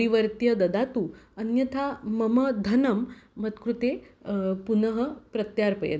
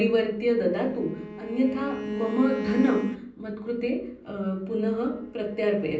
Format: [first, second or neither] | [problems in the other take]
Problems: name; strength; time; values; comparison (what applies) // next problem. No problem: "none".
first | background sound (Bowed string instrument); 11 dB below the speech // room echo; dies away in 0.6 s